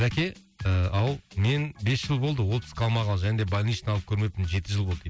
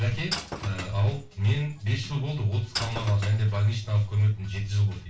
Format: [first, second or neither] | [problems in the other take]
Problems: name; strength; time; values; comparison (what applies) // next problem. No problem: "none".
first | background sound (Shatter / Crushing); 14 dB below the speech // room echo; dies away in 0.3 s